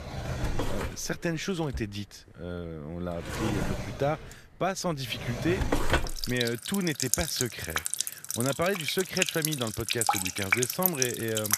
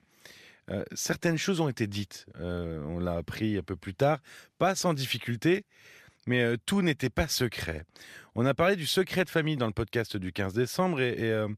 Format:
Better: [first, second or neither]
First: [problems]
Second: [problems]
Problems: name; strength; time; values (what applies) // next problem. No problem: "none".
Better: second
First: household noises; very loud; throughout; 1 dB above the speech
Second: none